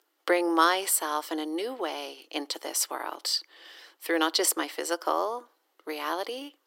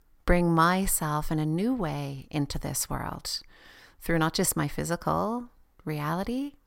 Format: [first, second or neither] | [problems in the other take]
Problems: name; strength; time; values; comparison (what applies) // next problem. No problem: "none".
second | thin; very; fading below 300 Hz